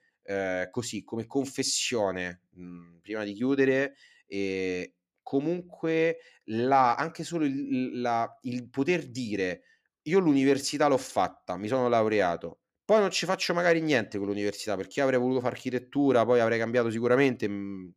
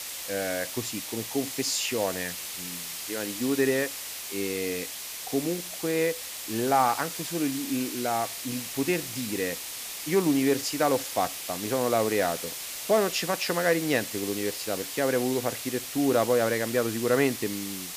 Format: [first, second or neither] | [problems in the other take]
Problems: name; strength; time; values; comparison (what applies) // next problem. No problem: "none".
first | hiss; loud; throughout; 6 dB below the speech